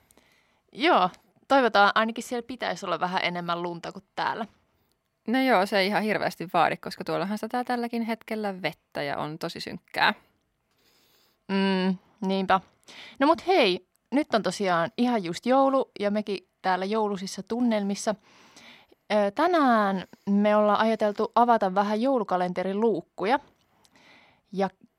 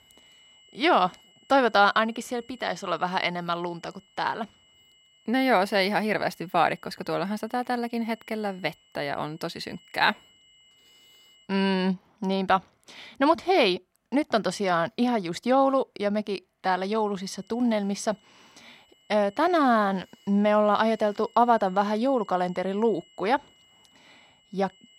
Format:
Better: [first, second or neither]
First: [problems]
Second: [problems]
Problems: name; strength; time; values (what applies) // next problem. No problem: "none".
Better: first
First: none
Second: high-pitched whine; faint; until 11 s and from 17 s on; 3 kHz, 30 dB below the speech